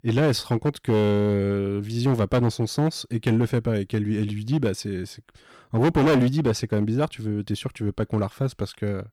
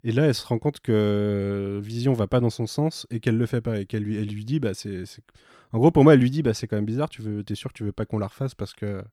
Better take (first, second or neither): second